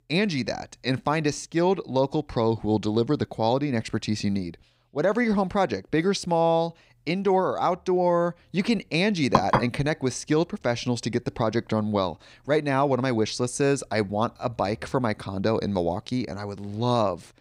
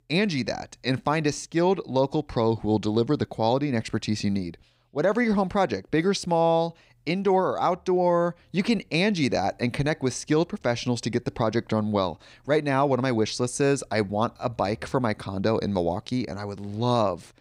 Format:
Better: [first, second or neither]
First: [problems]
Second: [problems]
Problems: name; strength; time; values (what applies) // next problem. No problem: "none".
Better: second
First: clattering dishes; loud; at 9.5 s; peak 2 dB above the speech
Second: none